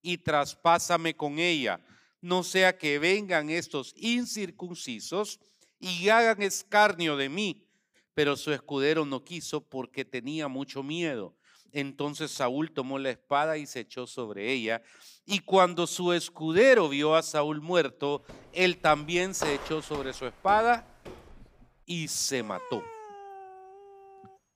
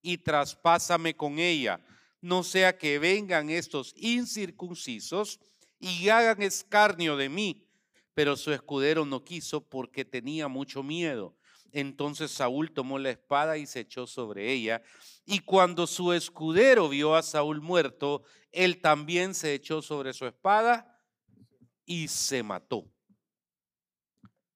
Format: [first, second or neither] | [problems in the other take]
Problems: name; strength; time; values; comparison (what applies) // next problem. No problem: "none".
second | footsteps; noticeable; from 18 to 21 s; peak 7 dB below the speech // dog barking; faint; from 22 s on; peak 15 dB below the speech